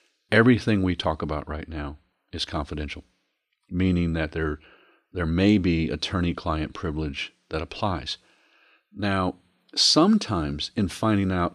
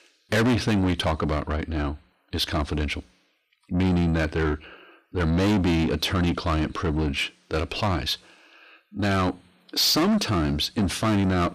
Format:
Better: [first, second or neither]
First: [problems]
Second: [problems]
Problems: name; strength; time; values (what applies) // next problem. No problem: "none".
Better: first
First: none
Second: distortion; heavy; 6 dB below the speech